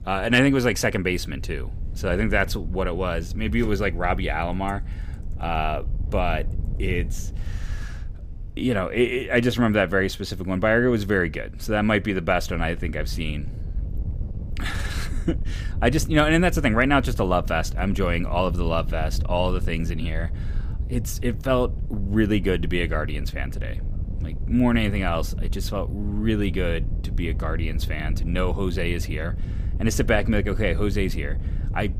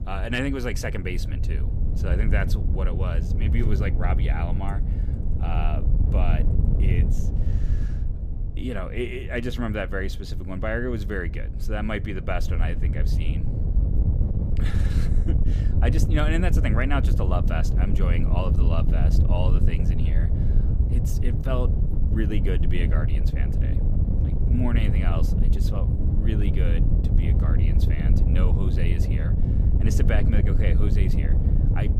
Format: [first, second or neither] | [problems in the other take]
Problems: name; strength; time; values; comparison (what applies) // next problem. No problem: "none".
first | wind noise on the microphone; heavy; 5 dB below the speech; occasional gusts in the first